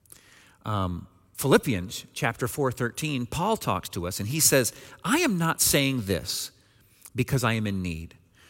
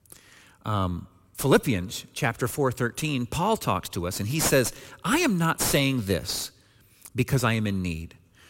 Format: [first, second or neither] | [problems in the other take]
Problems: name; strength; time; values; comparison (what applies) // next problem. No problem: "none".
first | distortion; slight; 9 dB below the speech